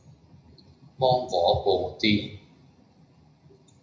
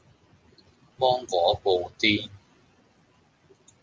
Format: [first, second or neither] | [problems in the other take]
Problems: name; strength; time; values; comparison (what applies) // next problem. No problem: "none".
second | room echo; dies away in 0.5 s